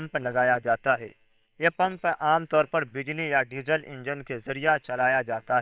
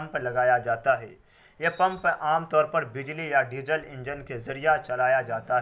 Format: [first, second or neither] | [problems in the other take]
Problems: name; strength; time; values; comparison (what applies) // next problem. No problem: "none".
second | noise reduction (neural separator model SepFormer WHAM!)